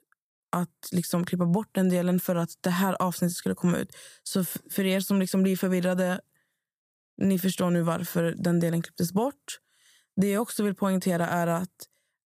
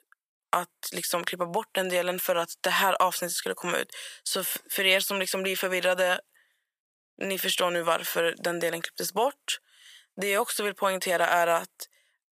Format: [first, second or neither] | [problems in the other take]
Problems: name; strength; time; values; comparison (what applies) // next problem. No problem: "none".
first | thin; very; fading below 600 Hz